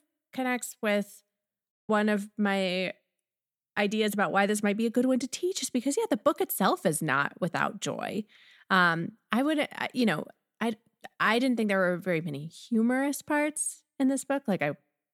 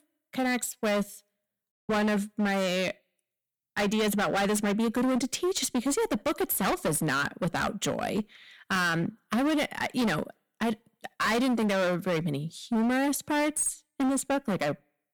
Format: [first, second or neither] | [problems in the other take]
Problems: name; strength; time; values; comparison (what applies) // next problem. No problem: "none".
first | distortion; heavy; 21% of the sound clipped